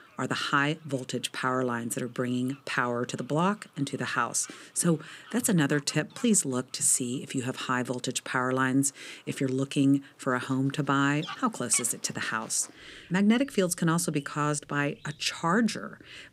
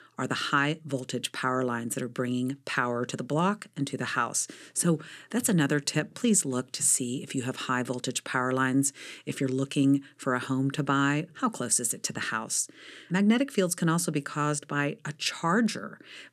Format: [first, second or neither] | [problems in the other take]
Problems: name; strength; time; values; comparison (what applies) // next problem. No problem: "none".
second | animal sounds; faint; throughout; 20 dB below the speech